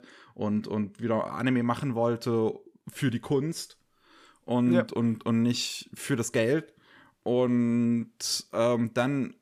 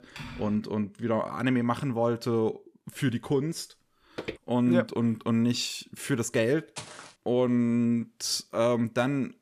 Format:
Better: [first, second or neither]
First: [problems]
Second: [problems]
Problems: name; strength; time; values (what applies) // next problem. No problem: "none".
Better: first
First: none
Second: keyboard typing; faint; at the start; peak 15 dB below the speech // footsteps; faint; at 4 s and at 7 s; peak 10 dB below the speech